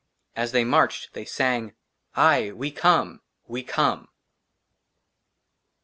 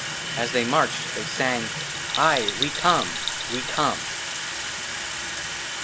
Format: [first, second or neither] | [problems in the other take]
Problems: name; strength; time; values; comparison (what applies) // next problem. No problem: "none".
first | background sound (Bell + Sink (filling or washing) / Water tap, faucet); 2 dB below the speech